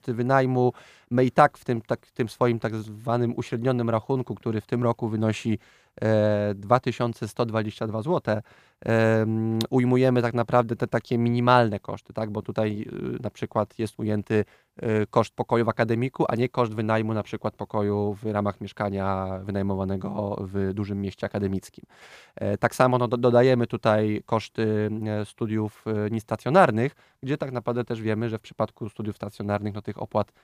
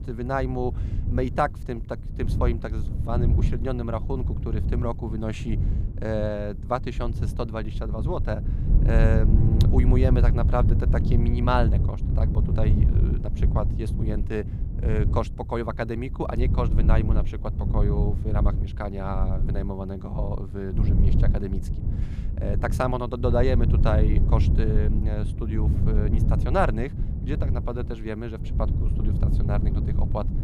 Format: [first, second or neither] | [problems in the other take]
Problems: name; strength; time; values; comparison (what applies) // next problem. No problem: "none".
first | wind noise on the microphone; heavy; 8 dB below the speech